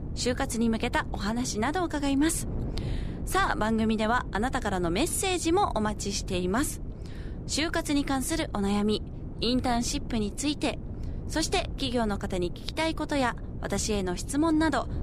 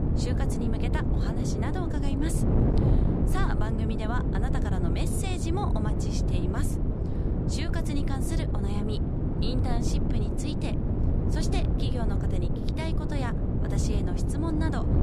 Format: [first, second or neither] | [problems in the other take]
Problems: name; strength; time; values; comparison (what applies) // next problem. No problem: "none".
first | wind noise on the microphone; heavy; 1 dB above the speech; occasional gusts in the first